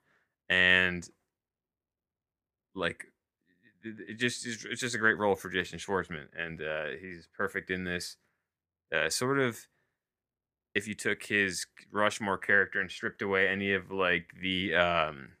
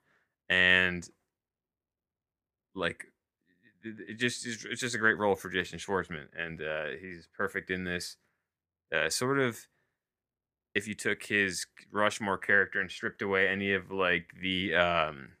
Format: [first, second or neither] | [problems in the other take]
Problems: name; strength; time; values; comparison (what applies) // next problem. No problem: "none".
neither | none